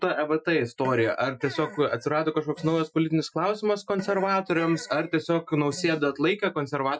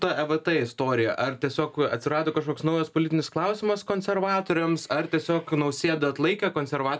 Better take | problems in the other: second | noise reduction (classical method Wiener filter)

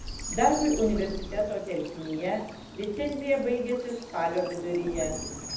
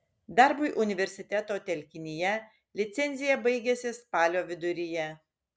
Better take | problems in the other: second | background sound (Stream / Bird vocalization, bird call, bird song); 10 dB below the speech // room echo; dies away in 0.8 s

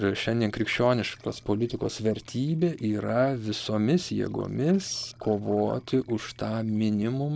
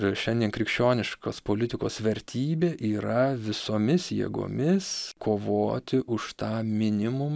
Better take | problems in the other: second | noise reduction (neural separator model SepFormer DNS4)

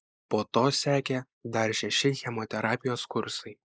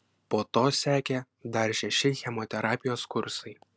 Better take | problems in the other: second | noise reduction (neural mask model Resemble Enhance denoiser)

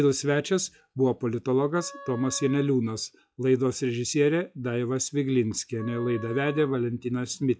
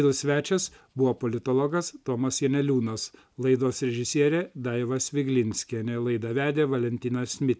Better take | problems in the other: second | noise reduction (classical method log-MMSE)

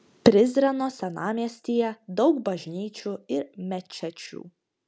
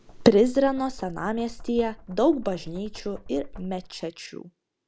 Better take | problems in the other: first | background sound (Knock); 14 dB below the speech

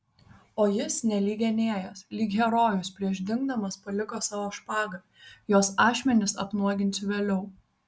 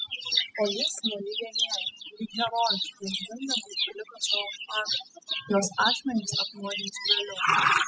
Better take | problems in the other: first | noise reduction (classical method spectral subtraction)

